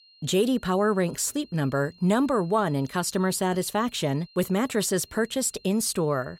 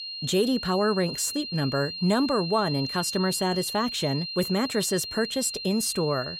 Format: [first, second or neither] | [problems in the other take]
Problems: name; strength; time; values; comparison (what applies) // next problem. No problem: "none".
first | high-pitched whine; loud; throughout; 4 kHz, 6 dB below the speech; faint in the first